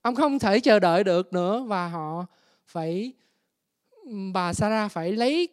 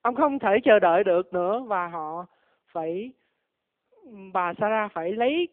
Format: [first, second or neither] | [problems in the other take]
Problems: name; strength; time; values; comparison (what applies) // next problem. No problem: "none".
first | phone-call audio; nothing above 3 kHz